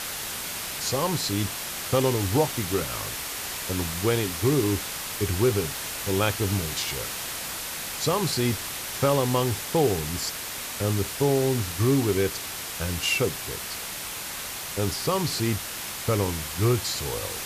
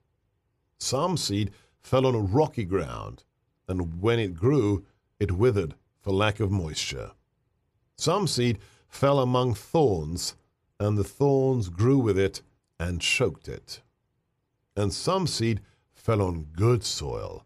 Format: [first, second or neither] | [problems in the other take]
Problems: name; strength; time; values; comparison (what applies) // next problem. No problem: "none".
second | hiss; loud; throughout; 4 dB below the speech